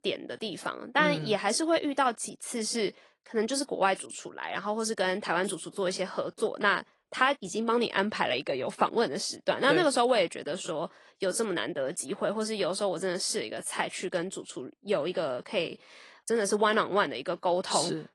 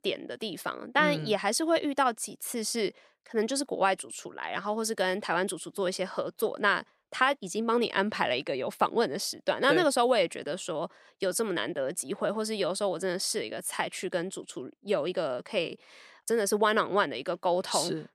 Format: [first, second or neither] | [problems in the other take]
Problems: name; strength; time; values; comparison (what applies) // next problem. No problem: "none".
second | garbled, watery; slightly; nothing above 10.5 kHz